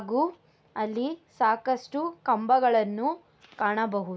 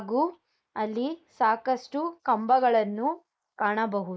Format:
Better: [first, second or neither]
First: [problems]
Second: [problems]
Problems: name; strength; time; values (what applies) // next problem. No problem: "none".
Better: first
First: none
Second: noise reduction (neural mask model Resemble Enhance denoiser)